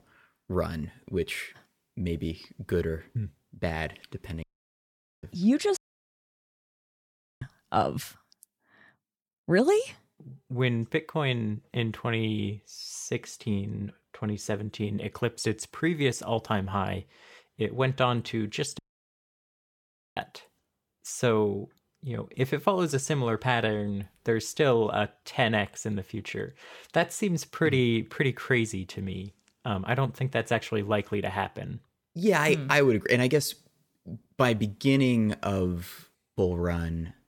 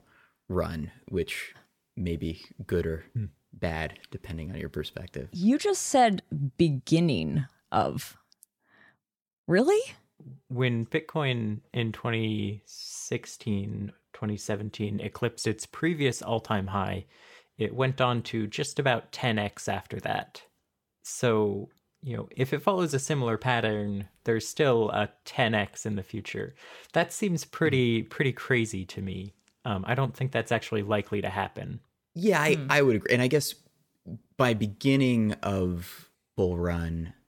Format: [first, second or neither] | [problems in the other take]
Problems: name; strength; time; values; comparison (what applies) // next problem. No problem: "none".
second | audio cutting out; at 4.5 s for 1 s, at 6 s for 1.5 s and at 19 s for 1.5 s